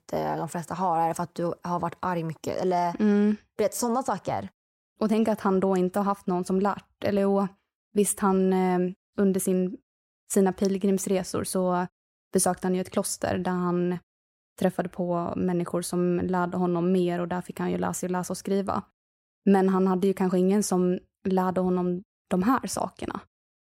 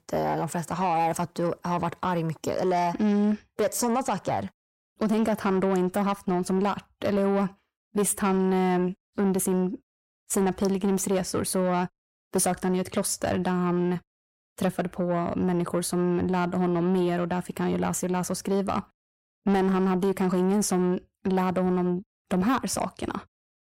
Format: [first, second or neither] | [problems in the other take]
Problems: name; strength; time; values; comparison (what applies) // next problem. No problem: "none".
first | distortion; slight; 10 dB below the speech